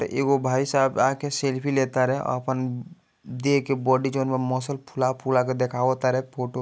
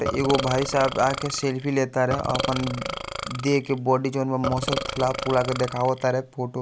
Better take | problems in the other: first | background sound (Burping, eructation); 7 dB below the speech

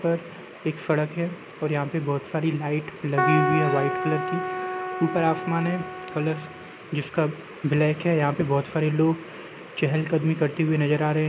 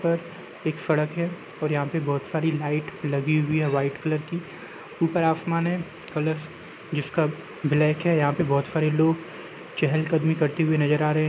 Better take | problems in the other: second | background sound (Keyboard (musical)); 3 dB below the speech

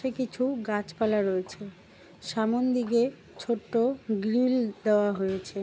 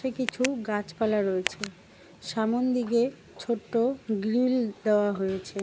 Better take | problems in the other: first | background sound (Tick); 16 dB below the speech

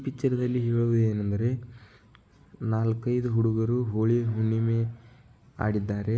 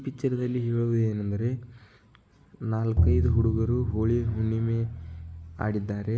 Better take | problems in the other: first | background sound (Bowed string instrument); as loud as the speech

